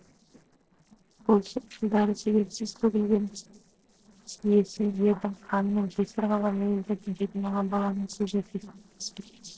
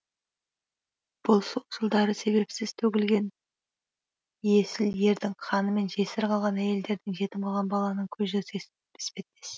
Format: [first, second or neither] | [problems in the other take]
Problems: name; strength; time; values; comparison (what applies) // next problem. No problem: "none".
second | noise reduction (neural separator model SepFormer DNS4)